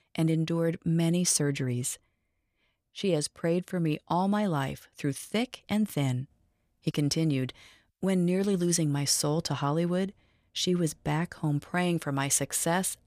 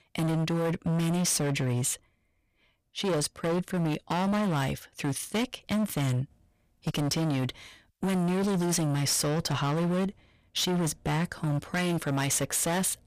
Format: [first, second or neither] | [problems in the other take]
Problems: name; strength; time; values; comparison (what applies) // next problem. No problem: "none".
first | distortion; heavy; 26% of the sound clipped